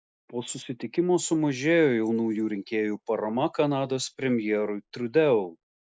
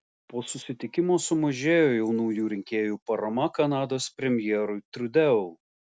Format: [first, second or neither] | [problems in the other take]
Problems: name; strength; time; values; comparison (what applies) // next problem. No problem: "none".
second | noise reduction (neural mask model Resemble Enhance denoiser)